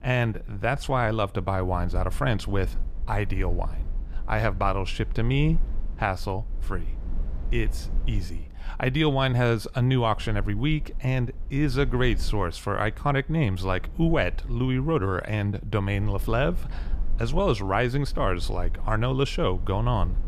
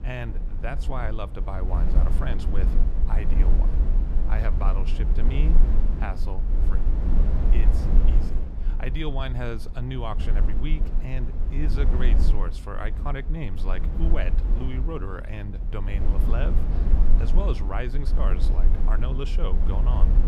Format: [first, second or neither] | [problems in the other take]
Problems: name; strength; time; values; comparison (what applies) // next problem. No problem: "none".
first | low rumble; loud; throughout; 5 dB below the speech; faint in the first